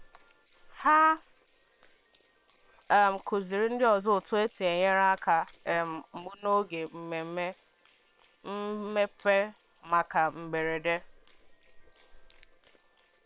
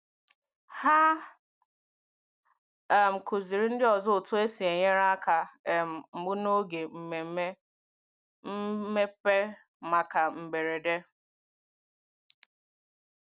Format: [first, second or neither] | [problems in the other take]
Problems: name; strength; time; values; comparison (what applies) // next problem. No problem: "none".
second | noise reduction (neural separator model SepFormer WHAM!)